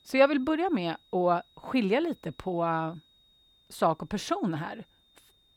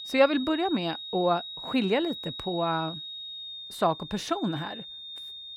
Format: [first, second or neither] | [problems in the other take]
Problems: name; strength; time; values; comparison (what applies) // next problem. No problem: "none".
first | high-pitched whine; loud; throughout; 4 kHz, 9 dB below the speech; faint in the first